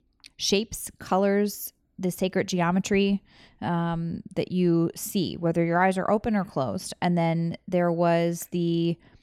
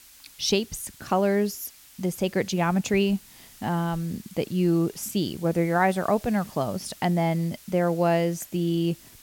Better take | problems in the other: first | hiss; faint; throughout; 20 dB below the speech

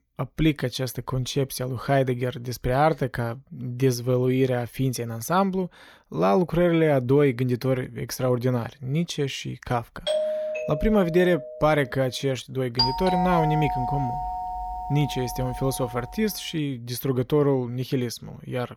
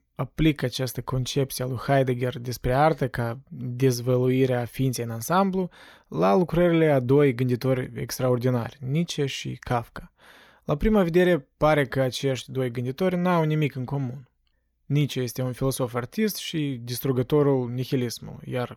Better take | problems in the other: second | doorbell; noticeable; from 10 to 12 s; peak 1 dB below the speech // doorbell; loud; from 13 to 16 s; peak 2 dB above the speech

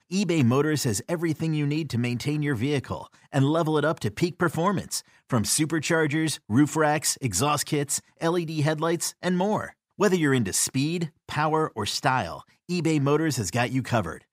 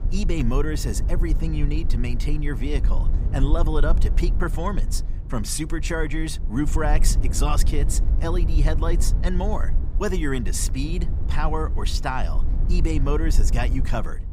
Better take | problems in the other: first | low rumble; noticeable; throughout; 15 dB below the speech

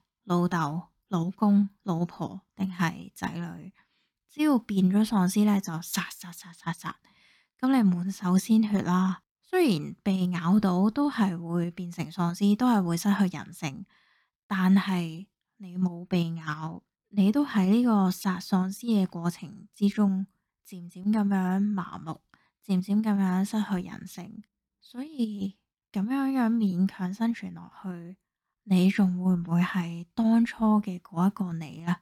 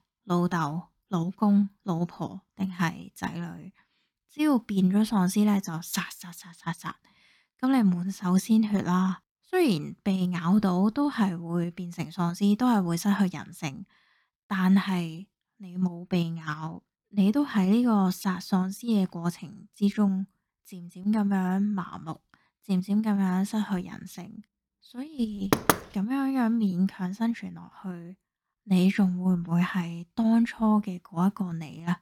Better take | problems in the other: first | door banging; loud; at 26 s; peak 2 dB above the speech

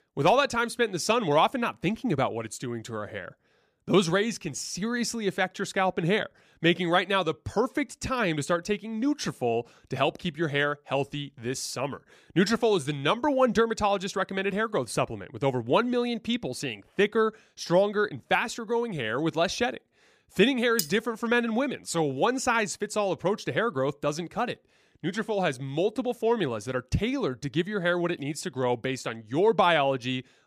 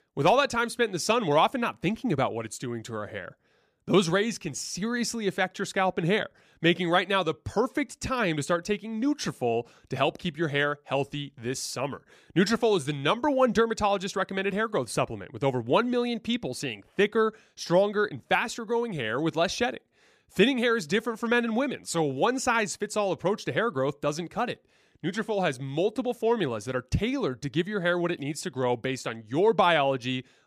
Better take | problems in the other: second | clattering dishes; very faint; at 21 s; peak 5 dB below the speech

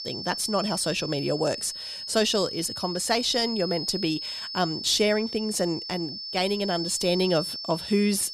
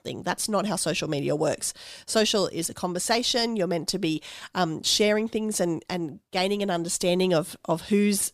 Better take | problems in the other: second | high-pitched whine; loud; throughout; 5.5 kHz, 6 dB below the speech

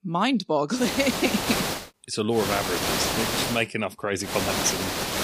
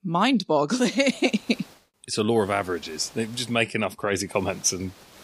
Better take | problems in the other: second | hiss; loud; at 1 s, from 2.5 to 3.5 s and at 4.5 s; 1 dB below the speech; faint in the second

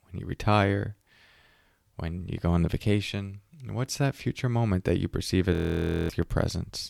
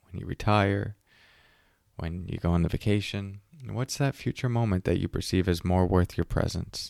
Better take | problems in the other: second | audio freezing; at 5.5 s for 0.5 s

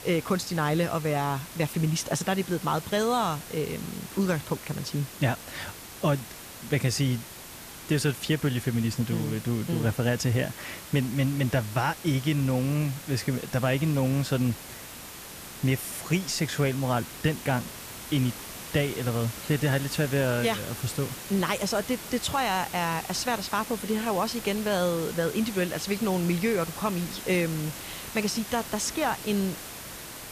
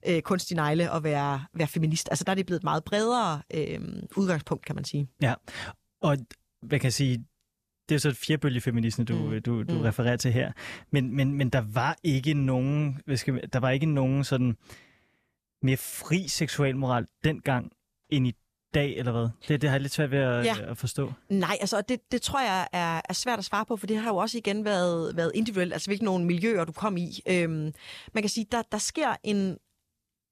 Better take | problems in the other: second | hiss; noticeable; throughout; 10 dB below the speech

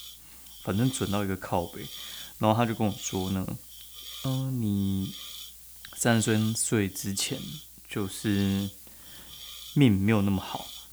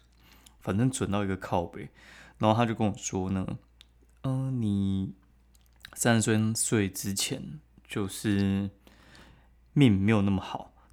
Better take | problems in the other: second | hiss; noticeable; throughout; 15 dB below the speech

